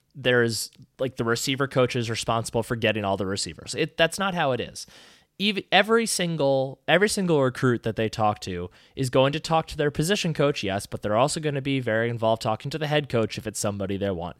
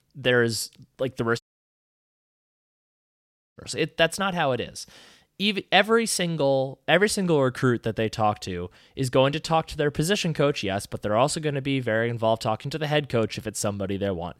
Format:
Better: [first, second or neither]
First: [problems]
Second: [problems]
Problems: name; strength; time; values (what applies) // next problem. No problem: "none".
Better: first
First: none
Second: audio cutting out; at 1.5 s for 2 s